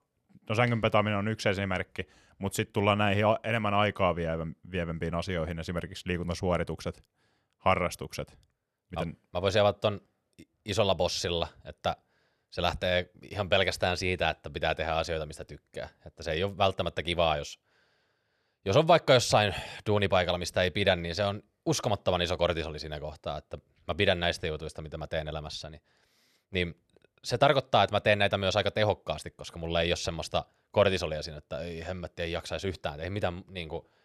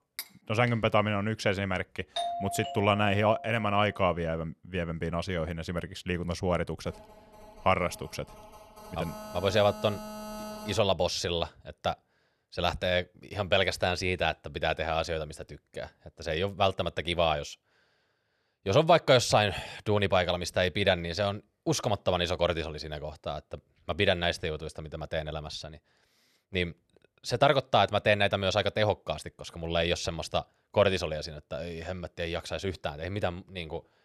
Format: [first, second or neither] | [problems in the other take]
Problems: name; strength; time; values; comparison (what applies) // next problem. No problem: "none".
first | clattering dishes; faint; at the start; peak 10 dB below the speech // doorbell; noticeable; from 2 to 3.5 s; peak 4 dB below the speech // phone ringing; faint; from 7 to 11 s; peak 10 dB below the speech